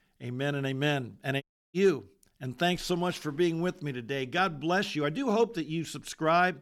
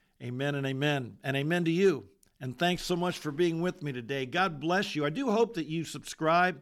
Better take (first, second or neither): second